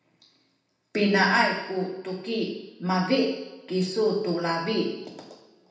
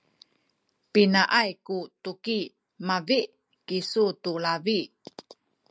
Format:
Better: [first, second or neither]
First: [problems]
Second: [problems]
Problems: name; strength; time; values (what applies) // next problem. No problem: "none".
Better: second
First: room echo; dies away in 0.9 s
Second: none